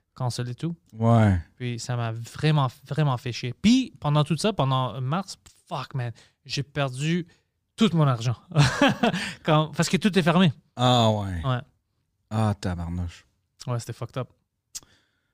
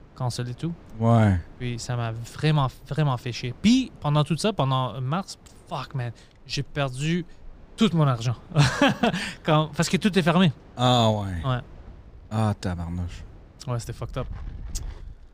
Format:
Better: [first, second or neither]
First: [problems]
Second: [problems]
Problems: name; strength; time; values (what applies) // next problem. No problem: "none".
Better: first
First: none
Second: wind in the background; faint; throughout; 20 dB below the speech